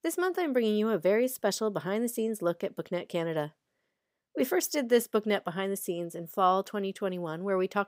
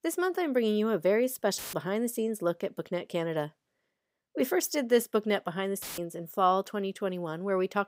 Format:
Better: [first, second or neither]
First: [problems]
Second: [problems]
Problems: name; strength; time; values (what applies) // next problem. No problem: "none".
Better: first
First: none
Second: audio cutting out; filled with static; at 1.5 s and at 6 s